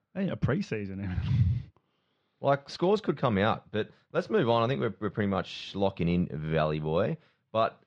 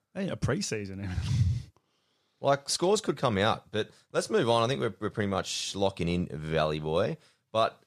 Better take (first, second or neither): second